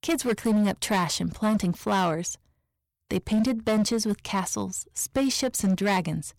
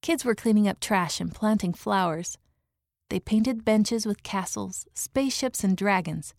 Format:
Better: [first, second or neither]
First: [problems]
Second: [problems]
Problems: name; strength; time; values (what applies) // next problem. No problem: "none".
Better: second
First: distortion; slight; 10% of the sound clipped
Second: none